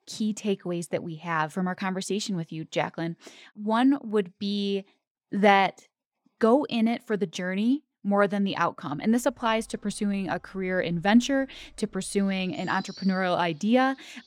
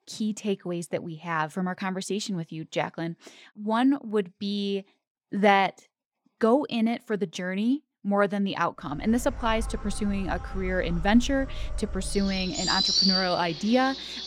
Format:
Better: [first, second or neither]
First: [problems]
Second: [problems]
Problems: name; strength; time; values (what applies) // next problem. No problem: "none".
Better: first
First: animal sounds; faint; from 9 s on; 25 dB below the speech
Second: animal sounds; loud; from 9 s on; 2 dB below the speech